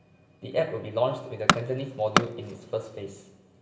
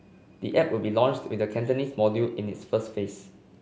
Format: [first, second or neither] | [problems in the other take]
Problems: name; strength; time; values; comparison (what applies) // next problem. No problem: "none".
second | background sound (Tools); 2 dB above the speech // room echo; dies away in 1 s